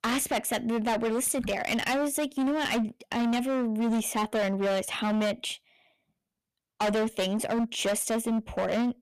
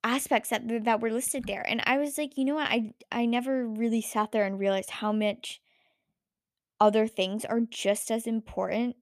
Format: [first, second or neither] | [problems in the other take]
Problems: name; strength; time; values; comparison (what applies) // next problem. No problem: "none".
second | distortion; heavy; 21% of the sound clipped